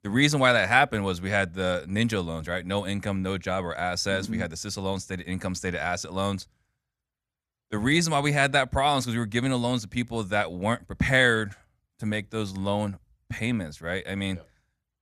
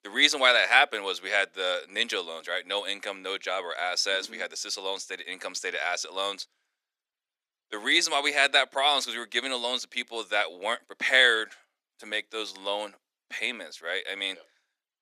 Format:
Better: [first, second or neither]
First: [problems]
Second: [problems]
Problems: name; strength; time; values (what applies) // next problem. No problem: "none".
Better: first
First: none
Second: thin; very; fading below 350 Hz